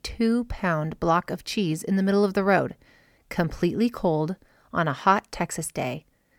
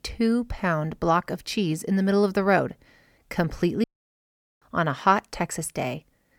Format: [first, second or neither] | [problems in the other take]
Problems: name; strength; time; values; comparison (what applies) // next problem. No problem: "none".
first | audio cutting out; at 4 s for 1 s